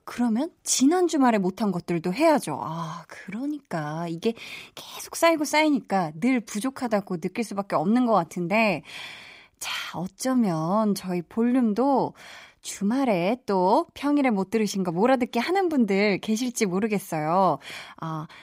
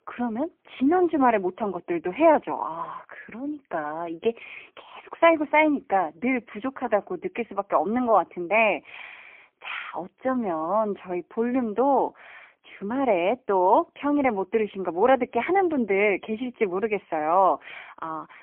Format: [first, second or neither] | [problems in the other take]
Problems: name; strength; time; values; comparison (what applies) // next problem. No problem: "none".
first | phone-call audio; poor line